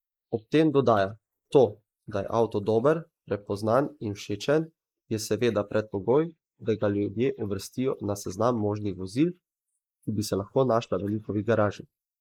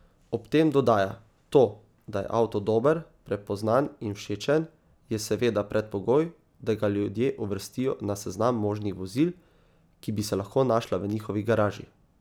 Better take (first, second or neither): second